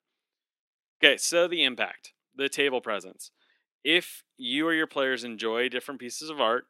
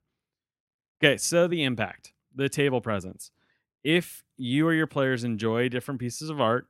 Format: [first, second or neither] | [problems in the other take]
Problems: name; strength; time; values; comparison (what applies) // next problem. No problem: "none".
second | thin; somewhat; fading below 300 Hz